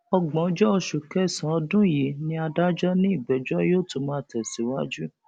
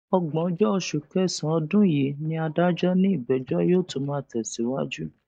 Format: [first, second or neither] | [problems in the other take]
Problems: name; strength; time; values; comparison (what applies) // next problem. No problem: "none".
first | noise reduction (neural mask model DeepFilterNet 3)